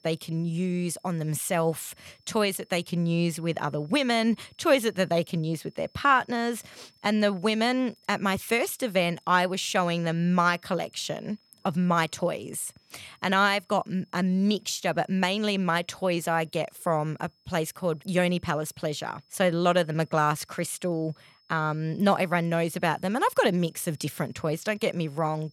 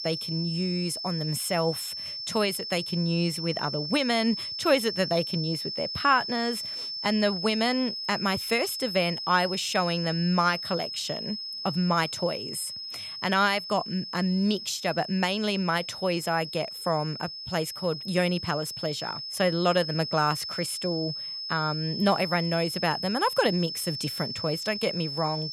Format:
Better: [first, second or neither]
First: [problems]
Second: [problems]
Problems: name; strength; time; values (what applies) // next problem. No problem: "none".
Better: first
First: high-pitched whine; faint; throughout; 5.5 kHz, 35 dB below the speech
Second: high-pitched whine; loud; throughout; 5.5 kHz, 5 dB below the speech